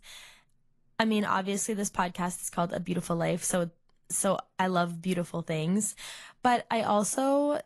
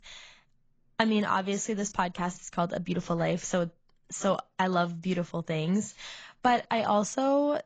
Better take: first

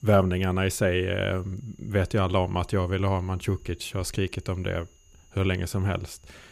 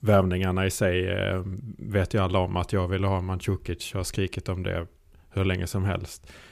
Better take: second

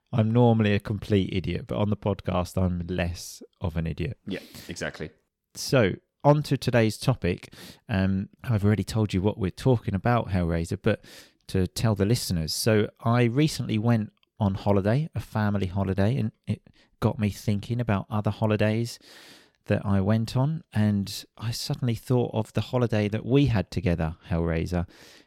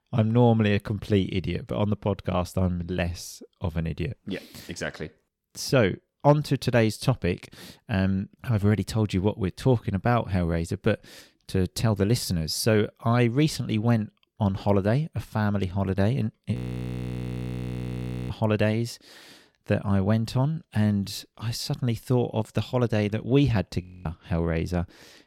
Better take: first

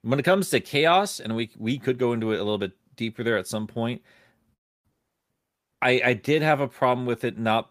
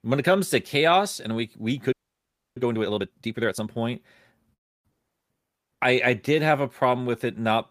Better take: first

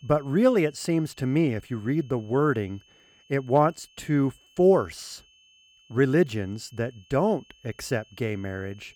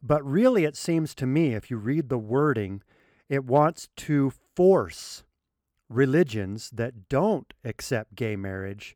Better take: second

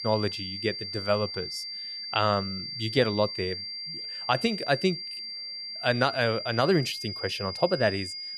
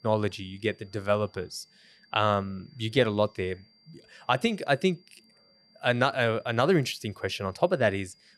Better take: second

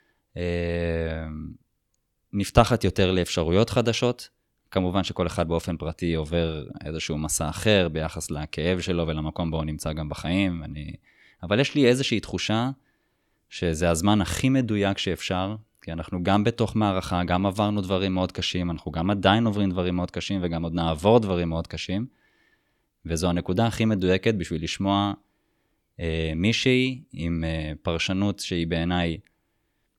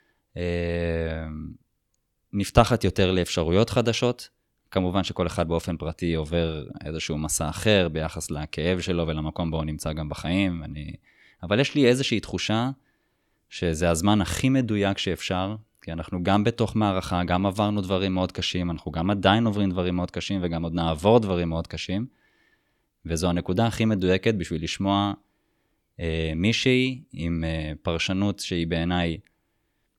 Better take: neither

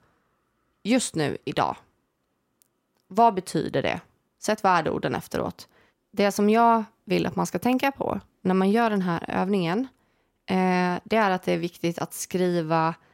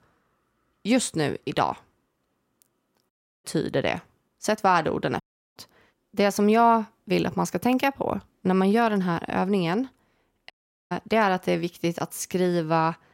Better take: first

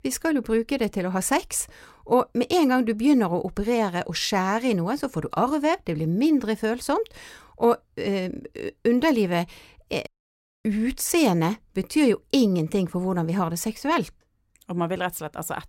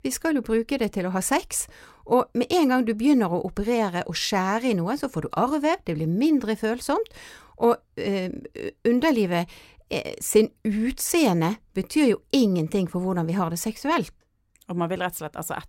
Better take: second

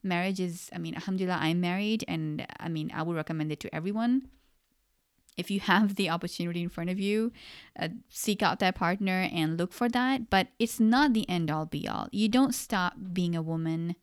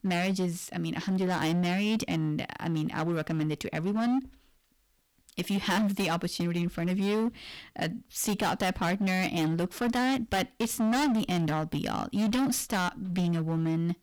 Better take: first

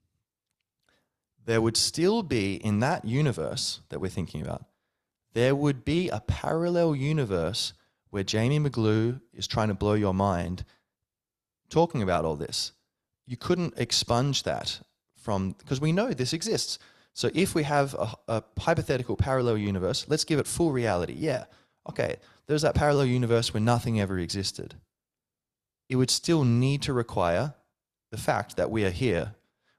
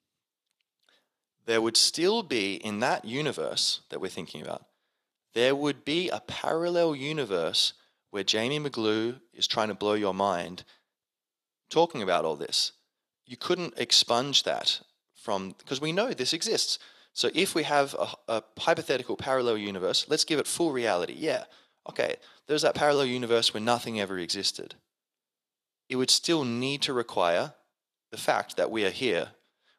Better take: first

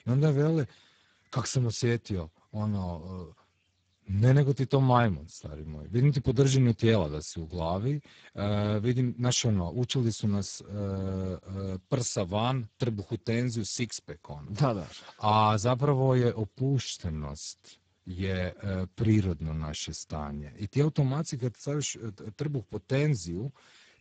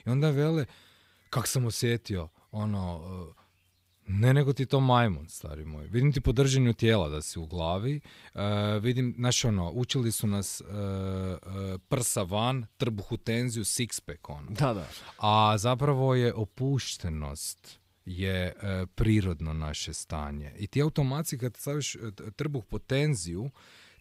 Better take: second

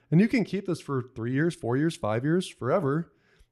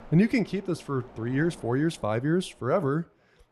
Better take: first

